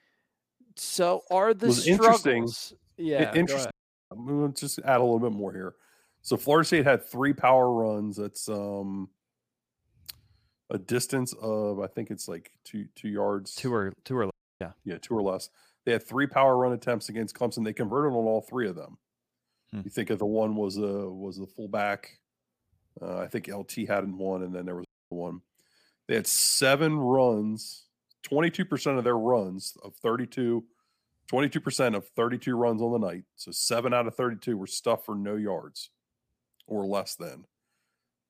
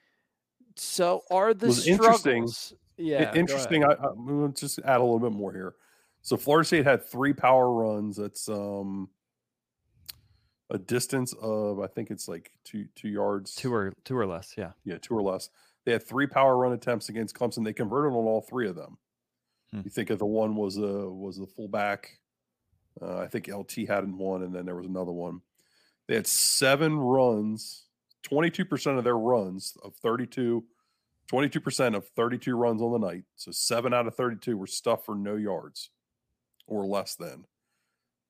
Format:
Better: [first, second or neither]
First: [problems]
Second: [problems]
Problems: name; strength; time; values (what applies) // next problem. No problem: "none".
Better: second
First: audio cutting out; at 3.5 s, at 14 s and at 25 s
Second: none